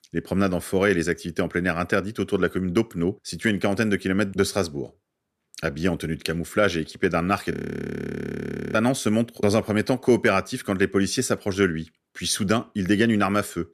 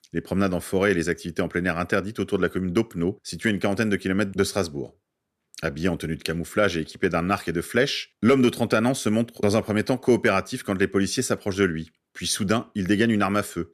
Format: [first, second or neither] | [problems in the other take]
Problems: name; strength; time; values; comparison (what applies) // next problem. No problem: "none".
second | audio freezing; at 7.5 s for 1 s